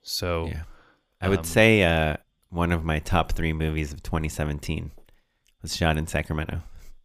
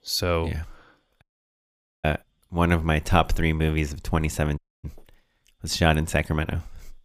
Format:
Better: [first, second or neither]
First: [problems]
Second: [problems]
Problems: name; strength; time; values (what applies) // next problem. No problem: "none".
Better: first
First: none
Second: audio cutting out; at 1 s for 1 s and at 4.5 s